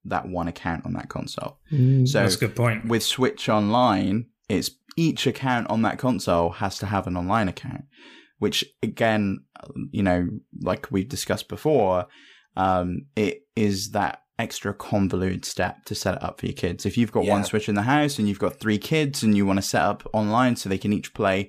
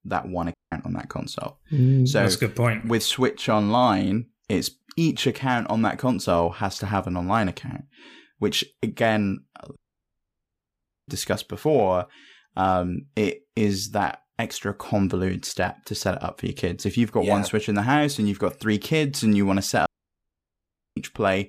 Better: first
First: none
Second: audio cutting out; at 0.5 s, at 10 s for 1.5 s and at 20 s for 1 s

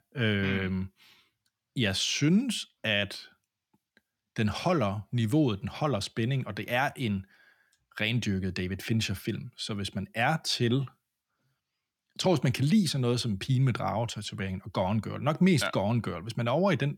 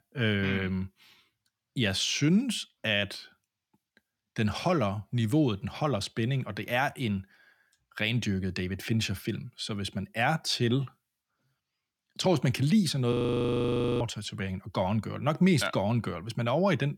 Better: first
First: none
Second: audio freezing; at 13 s for 1 s

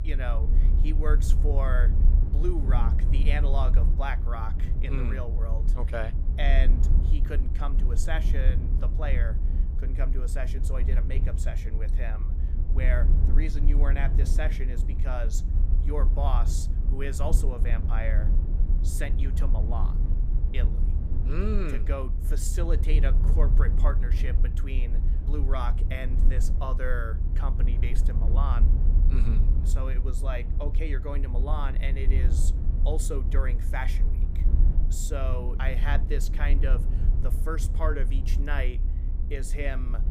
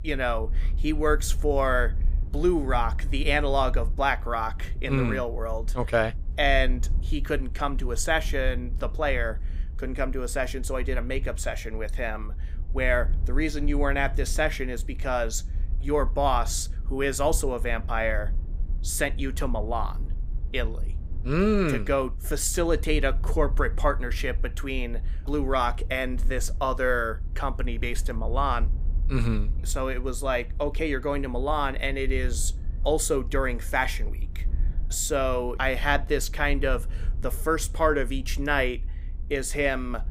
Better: second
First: low rumble; loud; throughout; 8 dB below the speech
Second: low rumble; faint; throughout; 25 dB below the speech

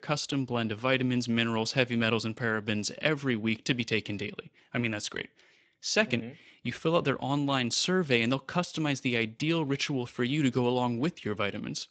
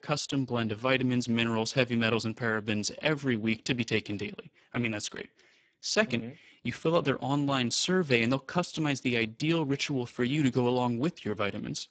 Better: first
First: garbled, watery; slightly; nothing above 7.5 kHz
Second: garbled, watery; badly; nothing above 7.5 kHz

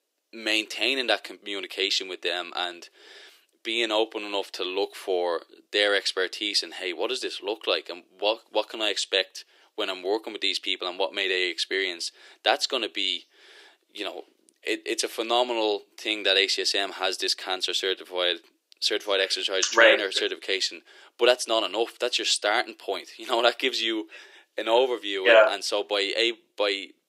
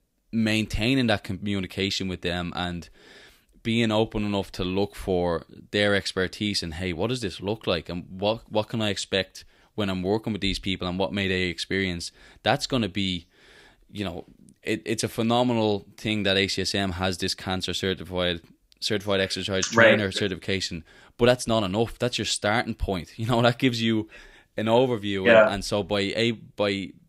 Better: second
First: thin; very; fading below 350 Hz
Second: none

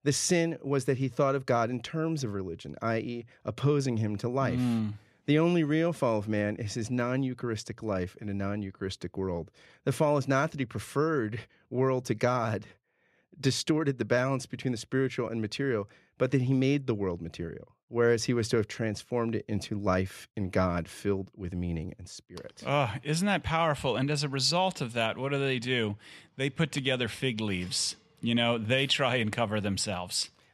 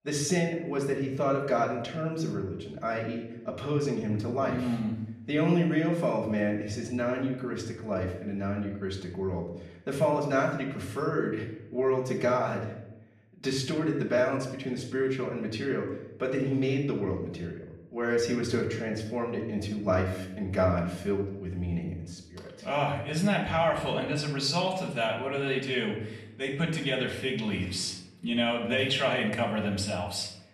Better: first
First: none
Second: off-mic speech; far // room echo; slight; dies away in 0.7 s

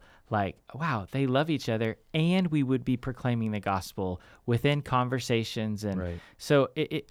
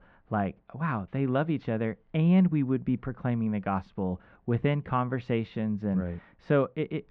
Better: first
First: none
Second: muffled; very; fading above 2 kHz

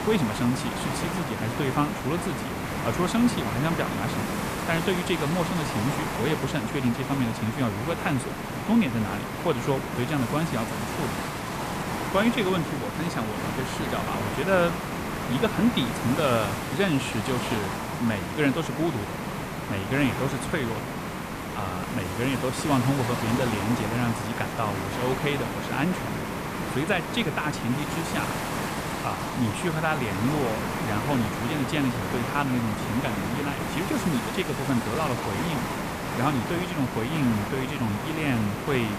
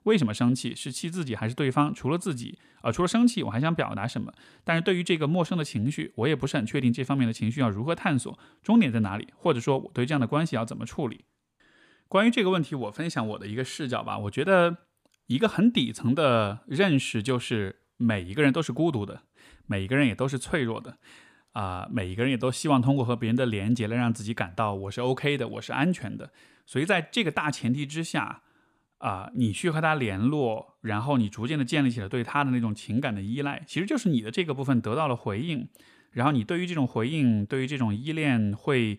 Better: second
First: hiss; loud; throughout; 2 dB below the speech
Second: none

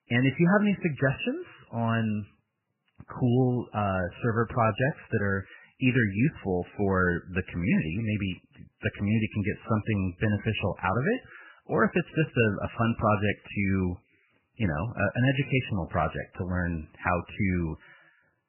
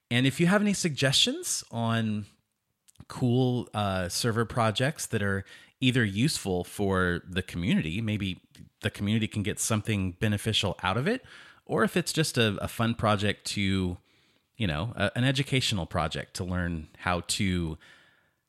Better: second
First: garbled, watery; badly; nothing above 3 kHz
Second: none

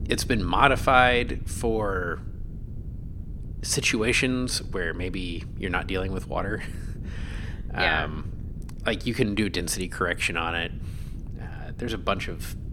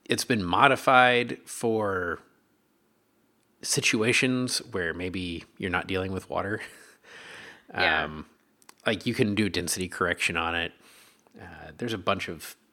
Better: second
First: wind noise on the microphone; occasional gusts; 25 dB below the speech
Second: none

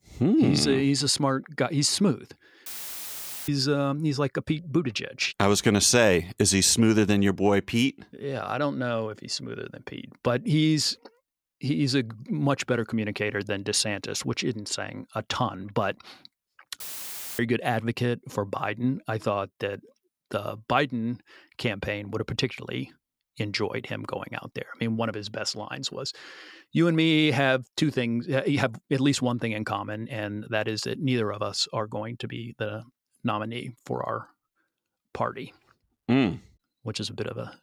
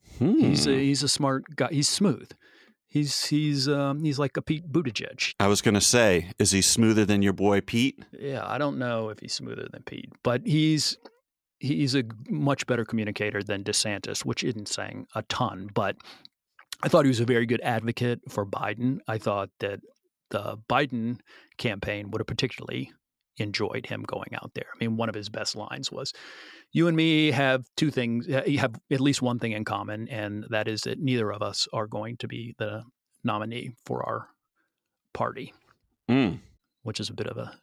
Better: second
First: audio cutting out; filled with static; at 2.5 s for 1 s and at 17 s for 0.5 s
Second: none

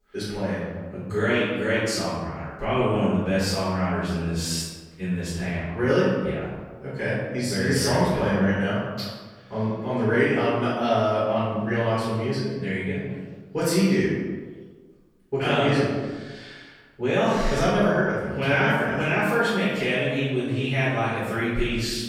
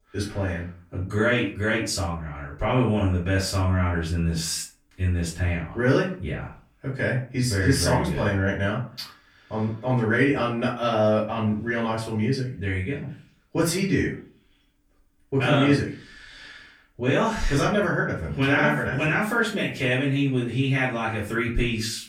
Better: second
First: room echo; strong; dies away in 1.2 s // off-mic speech; far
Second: room echo; slight; dies away in 0.3 s // off-mic speech; far

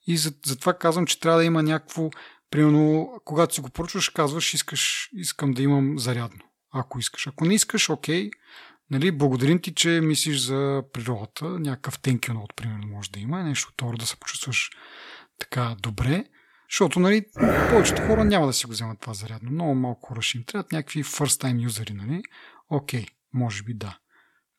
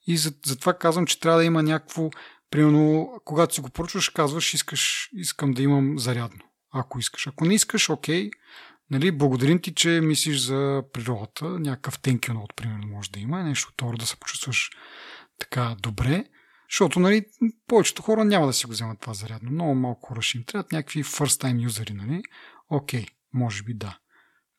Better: second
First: dog barking; loud; at 17 s; peak 3 dB above the speech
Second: none

